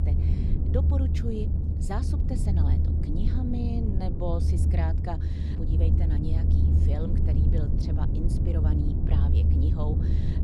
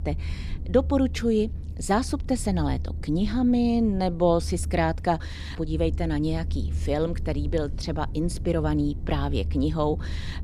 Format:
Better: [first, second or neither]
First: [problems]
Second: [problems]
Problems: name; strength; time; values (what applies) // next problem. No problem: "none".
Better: second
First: low rumble; loud; throughout; as loud as the speech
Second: low rumble; faint; throughout; 20 dB below the speech